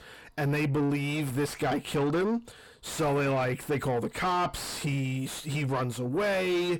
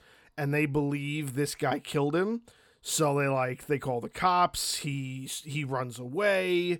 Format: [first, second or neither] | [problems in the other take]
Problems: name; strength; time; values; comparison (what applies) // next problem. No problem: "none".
second | distortion; heavy; 5 dB below the speech